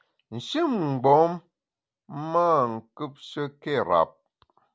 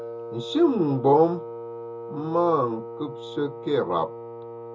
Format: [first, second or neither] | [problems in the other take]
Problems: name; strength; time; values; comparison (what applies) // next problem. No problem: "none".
first | background sound (Wind instrument, woodwind instrument); 11 dB below the speech // room echo; dies away in 0.2 s